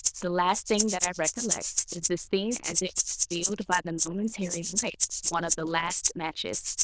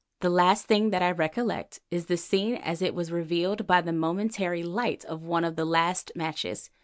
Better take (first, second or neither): second